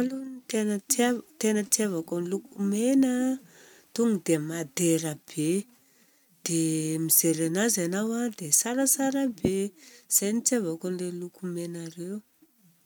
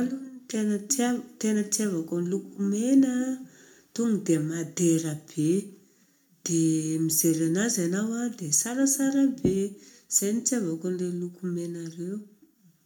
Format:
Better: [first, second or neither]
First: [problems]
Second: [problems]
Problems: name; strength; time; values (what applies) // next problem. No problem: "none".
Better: first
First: none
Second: room echo; dies away in 0.3 s